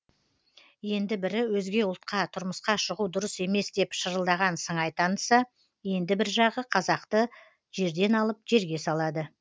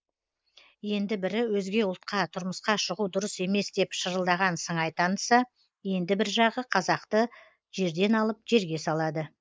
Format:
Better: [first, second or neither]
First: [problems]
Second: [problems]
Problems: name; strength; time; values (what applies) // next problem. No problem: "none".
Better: first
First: none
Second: noise reduction (neural mask model Resemble Enhance denoiser)